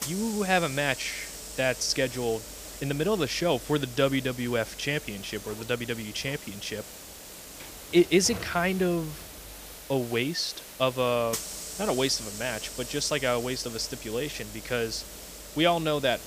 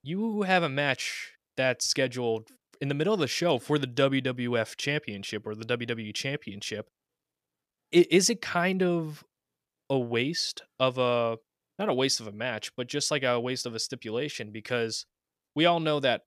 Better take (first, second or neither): second